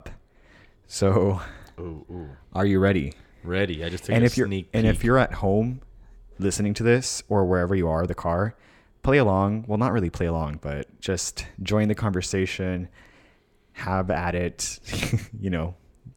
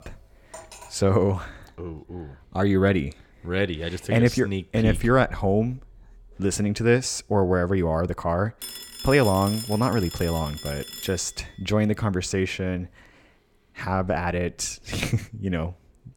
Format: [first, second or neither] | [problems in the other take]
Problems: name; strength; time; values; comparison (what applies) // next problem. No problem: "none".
first | clattering dishes; faint; until 1.5 s; peak 15 dB below the speech // phone ringing; noticeable; from 8.5 to 11 s; peak 8 dB below the speech